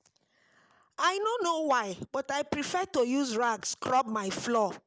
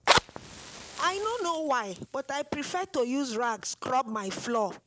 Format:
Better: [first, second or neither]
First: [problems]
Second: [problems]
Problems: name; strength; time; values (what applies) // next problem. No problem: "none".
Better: first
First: none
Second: background sound (Fire); 4 dB below the speech